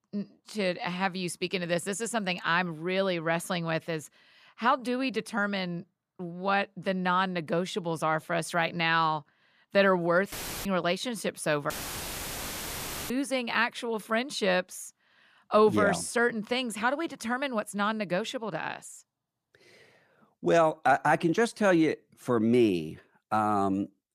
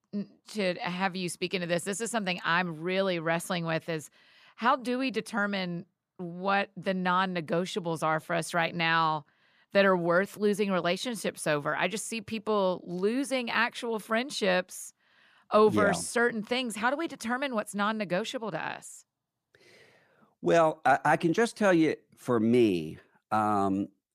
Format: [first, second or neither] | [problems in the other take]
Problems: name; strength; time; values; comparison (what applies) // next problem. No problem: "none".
second | audio cutting out; filled with static; at 10 s and at 12 s for 1.5 s